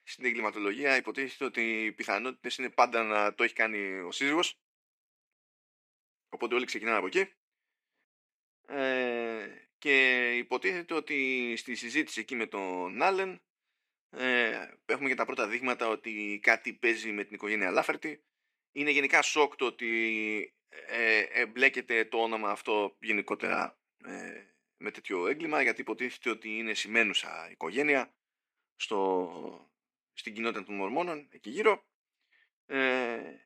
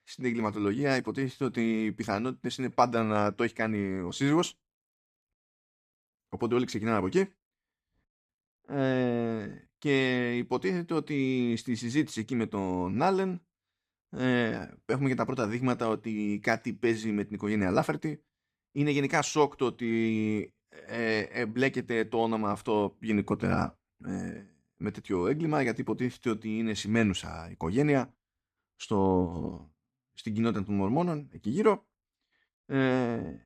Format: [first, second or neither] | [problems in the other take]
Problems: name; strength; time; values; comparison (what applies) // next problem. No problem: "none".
second | thin; somewhat; fading below 350 Hz